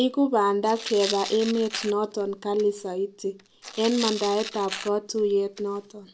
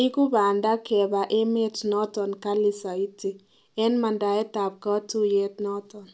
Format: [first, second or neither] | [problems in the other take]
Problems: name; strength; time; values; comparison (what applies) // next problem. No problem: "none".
second | background sound (Tearing); 12 dB below the speech